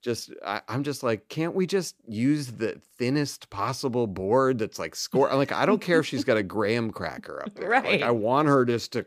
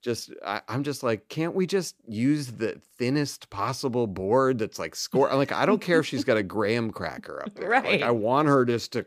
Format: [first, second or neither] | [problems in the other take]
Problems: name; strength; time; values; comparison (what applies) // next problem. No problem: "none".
neither | none